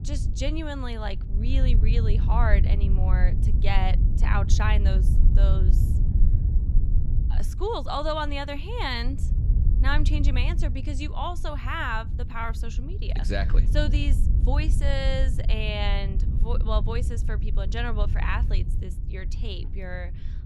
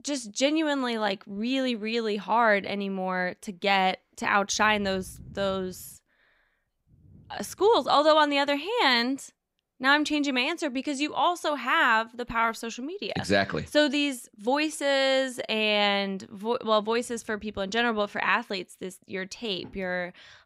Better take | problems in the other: second | wind noise on the microphone; occasional gusts; 10 dB below the speech

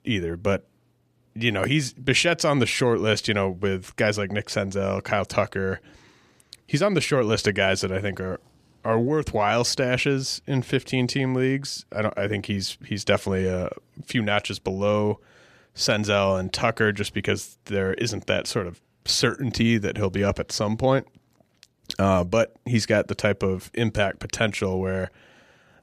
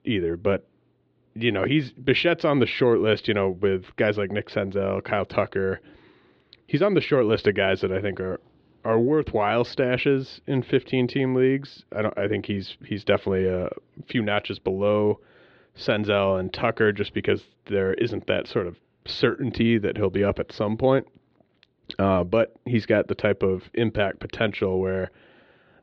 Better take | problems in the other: first | muffled; slightly; fading above 4 kHz

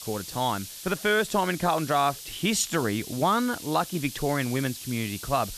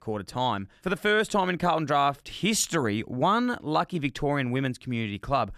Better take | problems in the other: second | hiss; noticeable; throughout; 10 dB below the speech

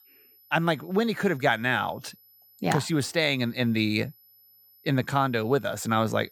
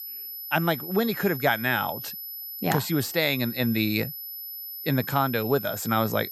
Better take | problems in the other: first | high-pitched whine; loud; throughout; 12 kHz, 8 dB below the speech; faint in the first

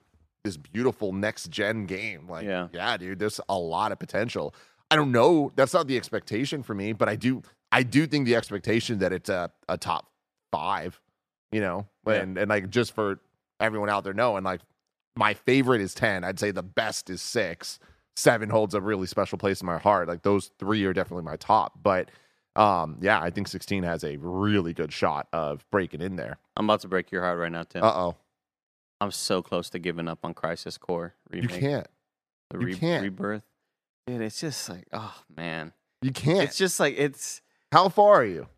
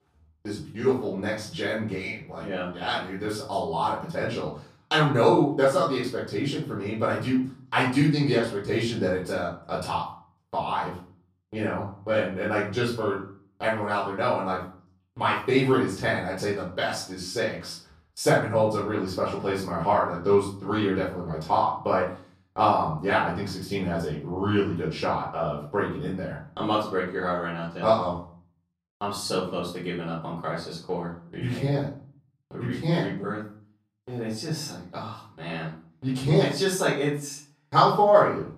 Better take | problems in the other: first | off-mic speech; far // room echo; noticeable; dies away in 0.4 s

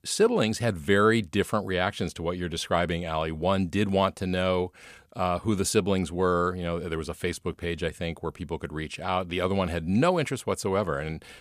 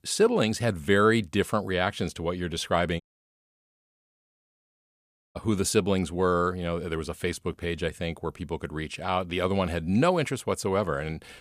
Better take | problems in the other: first | audio cutting out; at 3 s for 2.5 s

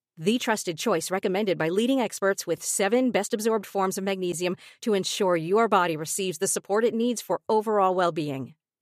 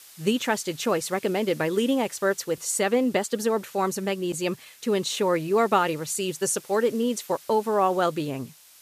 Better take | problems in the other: first | hiss; faint; throughout; 20 dB below the speech

